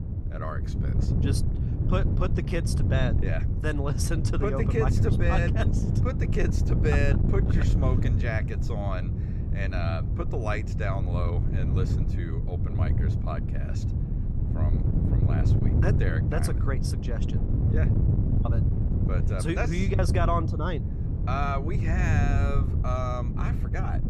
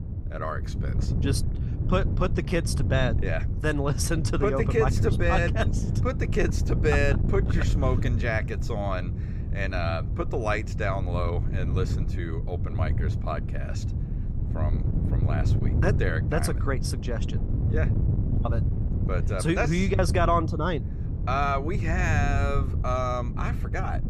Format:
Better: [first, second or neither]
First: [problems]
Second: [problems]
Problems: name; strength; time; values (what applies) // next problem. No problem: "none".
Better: second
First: wind noise on the microphone; heavy; 5 dB below the speech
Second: wind noise on the microphone; occasional gusts; 10 dB below the speech